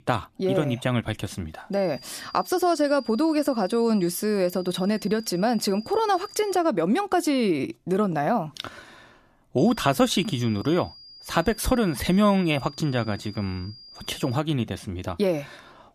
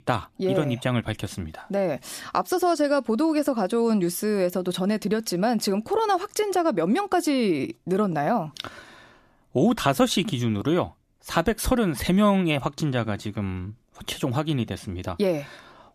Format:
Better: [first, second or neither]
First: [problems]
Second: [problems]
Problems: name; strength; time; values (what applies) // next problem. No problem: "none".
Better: second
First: high-pitched whine; noticeable; from 1.5 to 6.5 s and from 9.5 to 14 s; 5 kHz, 20 dB below the speech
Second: none